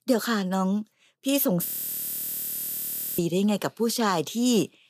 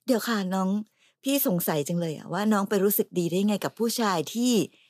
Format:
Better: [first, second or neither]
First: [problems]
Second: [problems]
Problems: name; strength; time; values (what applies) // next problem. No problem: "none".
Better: second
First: audio freezing; at 1.5 s for 1.5 s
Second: none